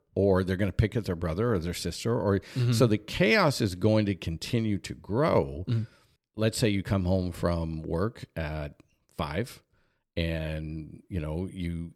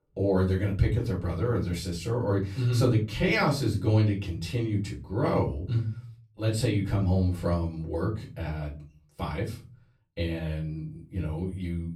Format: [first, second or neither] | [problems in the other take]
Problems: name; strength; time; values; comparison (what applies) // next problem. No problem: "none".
first | off-mic speech; far // room echo; slight; dies away in 0.3 s